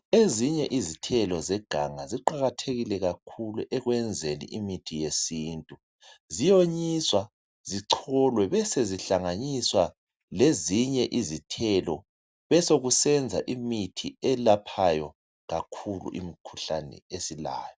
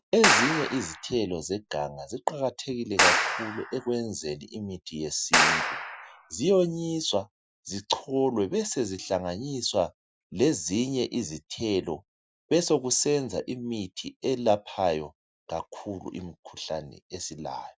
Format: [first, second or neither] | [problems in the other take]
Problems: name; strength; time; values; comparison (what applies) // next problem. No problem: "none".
first | noise reduction (classical method Wiener filter)